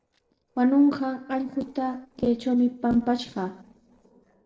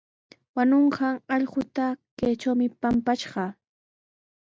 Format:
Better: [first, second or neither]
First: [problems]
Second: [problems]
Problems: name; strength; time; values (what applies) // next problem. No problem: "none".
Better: second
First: noise reduction (neural separator model SepFormer DNS4)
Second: none